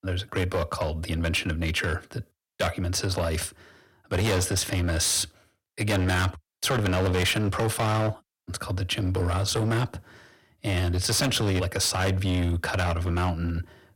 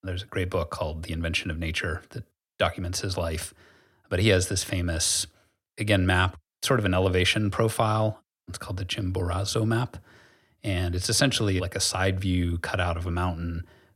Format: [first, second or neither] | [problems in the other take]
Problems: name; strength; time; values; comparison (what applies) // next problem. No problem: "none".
second | distortion; heavy; 15% of the sound clipped